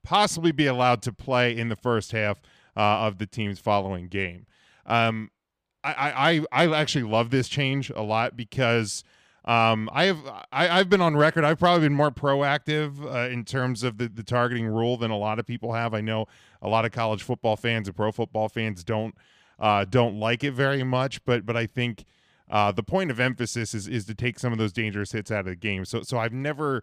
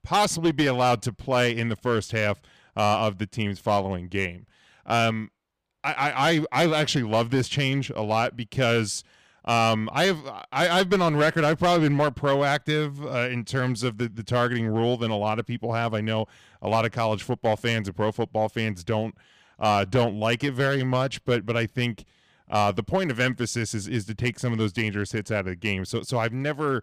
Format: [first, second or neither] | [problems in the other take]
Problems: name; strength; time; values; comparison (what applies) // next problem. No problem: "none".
first | distortion; slight; 4% of the sound clipped